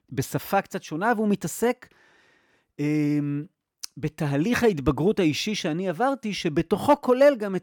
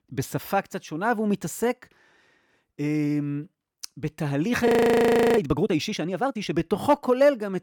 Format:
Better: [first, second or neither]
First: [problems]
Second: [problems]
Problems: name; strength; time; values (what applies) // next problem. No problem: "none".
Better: first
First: none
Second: audio freezing; at 4.5 s for 0.5 s